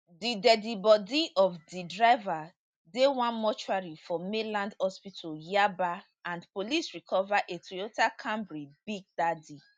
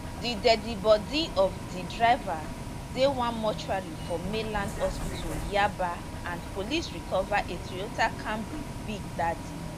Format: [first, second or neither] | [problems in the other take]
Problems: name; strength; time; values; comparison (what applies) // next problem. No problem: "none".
first | background sound (Bus); 7 dB below the speech